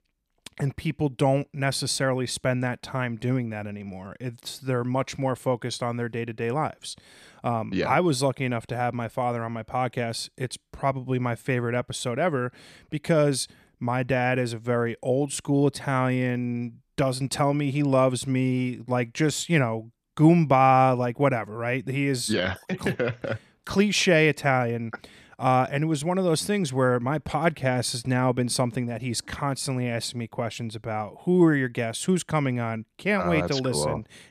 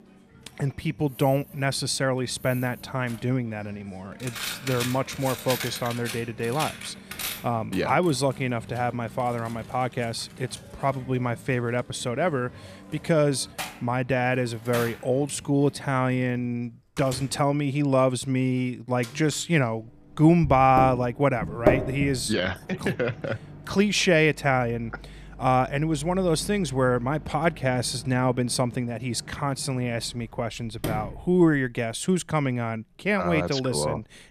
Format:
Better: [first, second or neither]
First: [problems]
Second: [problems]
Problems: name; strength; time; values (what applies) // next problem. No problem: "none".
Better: first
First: none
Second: household noises; noticeable; throughout; 10 dB below the speech